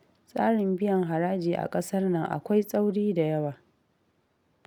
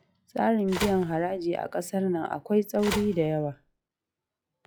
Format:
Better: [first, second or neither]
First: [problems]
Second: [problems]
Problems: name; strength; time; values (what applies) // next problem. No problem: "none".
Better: first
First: none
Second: noise reduction (classical method log-MMSE)